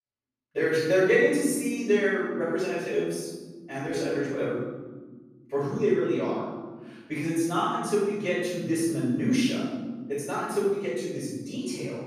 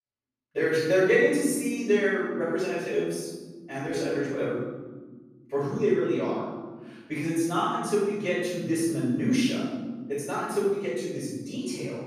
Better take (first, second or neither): neither